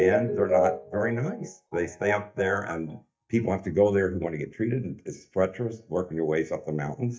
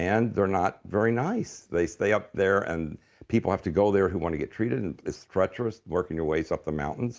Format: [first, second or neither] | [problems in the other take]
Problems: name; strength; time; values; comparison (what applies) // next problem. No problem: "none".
second | noise reduction (neural mask model DeepFilterNet 3)